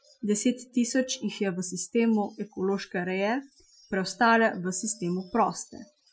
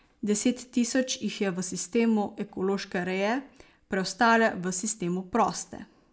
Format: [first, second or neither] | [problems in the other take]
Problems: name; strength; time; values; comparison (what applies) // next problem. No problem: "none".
second | noise reduction (classical method Wiener filter)